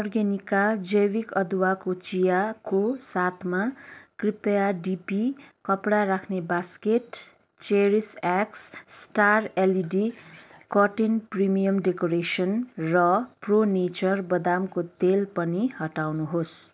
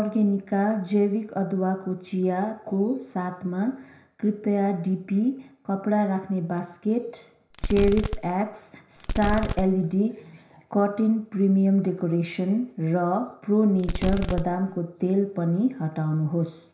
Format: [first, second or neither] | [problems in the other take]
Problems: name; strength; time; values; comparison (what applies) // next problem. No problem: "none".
first | background sound (Fireworks); 4 dB below the speech // room echo; dies away in 0.5 s